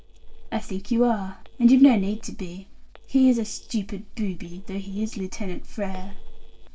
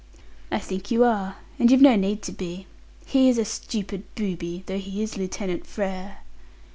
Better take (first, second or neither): second